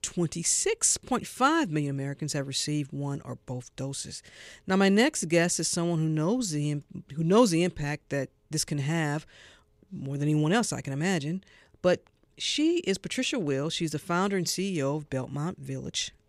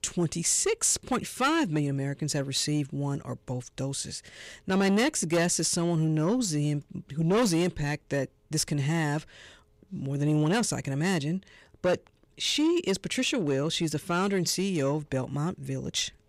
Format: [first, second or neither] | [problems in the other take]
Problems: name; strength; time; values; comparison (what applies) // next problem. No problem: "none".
first | distortion; slight; 10 dB below the speech